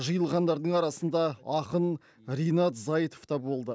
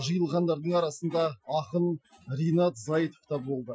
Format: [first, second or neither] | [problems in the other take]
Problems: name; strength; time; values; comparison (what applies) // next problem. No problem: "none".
first | noise reduction (classical method Wiener filter)